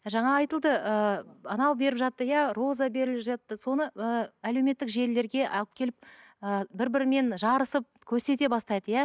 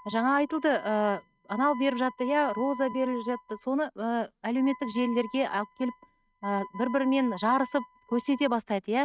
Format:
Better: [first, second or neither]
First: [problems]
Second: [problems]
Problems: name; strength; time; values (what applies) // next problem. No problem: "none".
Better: first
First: none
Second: noise reduction (neural mask model RNNoise)